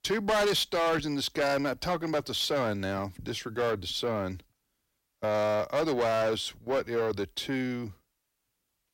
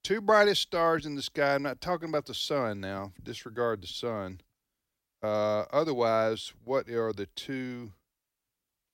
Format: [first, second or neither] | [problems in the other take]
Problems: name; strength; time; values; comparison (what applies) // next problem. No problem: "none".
second | distortion; heavy; 7 dB below the speech